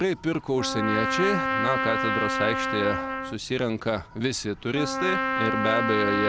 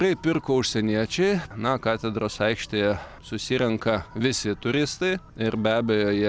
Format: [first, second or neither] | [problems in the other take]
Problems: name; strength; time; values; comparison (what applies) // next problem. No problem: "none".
second | background sound (Trumpet); 1 dB below the speech